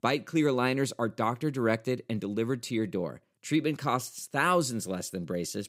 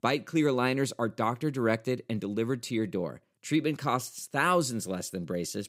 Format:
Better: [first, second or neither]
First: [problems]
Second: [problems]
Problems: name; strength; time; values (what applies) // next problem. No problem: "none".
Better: neither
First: none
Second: none